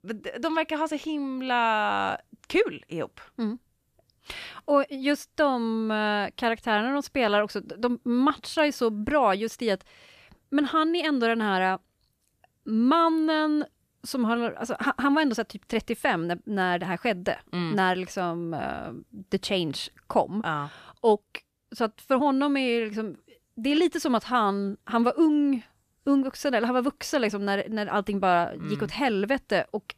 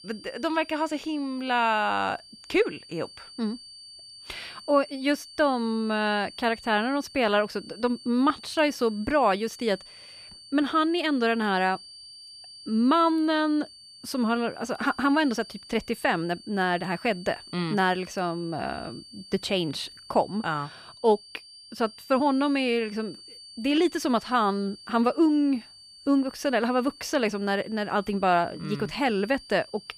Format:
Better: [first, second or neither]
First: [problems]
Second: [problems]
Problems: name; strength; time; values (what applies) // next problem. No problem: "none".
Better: first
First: none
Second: high-pitched whine; noticeable; throughout; 4.5 kHz, 20 dB below the speech